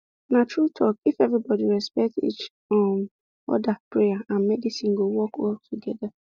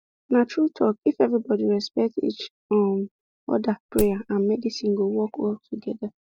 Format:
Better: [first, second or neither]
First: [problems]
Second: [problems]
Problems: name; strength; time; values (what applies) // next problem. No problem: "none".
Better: first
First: none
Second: background sound (Wood); 11 dB below the speech